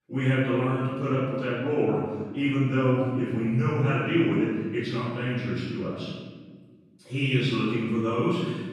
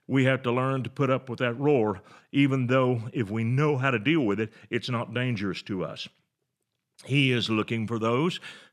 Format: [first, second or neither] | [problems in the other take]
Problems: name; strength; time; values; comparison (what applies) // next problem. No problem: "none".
second | off-mic speech; far // room echo; strong; dies away in 1.3 s